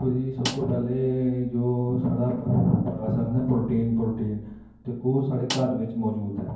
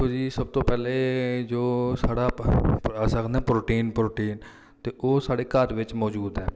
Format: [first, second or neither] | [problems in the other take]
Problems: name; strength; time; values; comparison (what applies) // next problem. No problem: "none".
second | background sound (Snare drum); 13 dB below the speech // room echo; dies away in 0.9 s